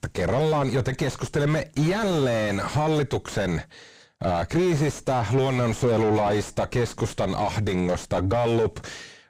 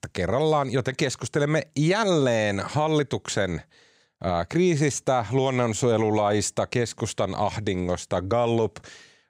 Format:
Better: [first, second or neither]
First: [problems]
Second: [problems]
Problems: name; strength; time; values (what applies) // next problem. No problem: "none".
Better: second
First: distortion; heavy; 3 dB below the speech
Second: none